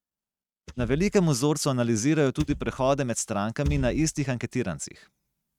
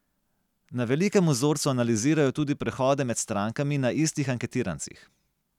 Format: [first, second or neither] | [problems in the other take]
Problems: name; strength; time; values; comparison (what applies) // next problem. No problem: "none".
second | noise reduction (neural mask model RNNoise)